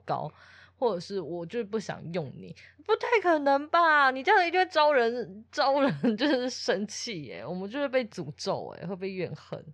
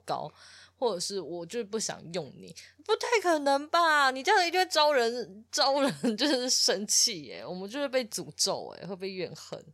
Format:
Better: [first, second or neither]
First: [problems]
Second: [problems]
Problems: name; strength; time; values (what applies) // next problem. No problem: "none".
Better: second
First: muffled; slightly; fading above 2.5 kHz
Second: none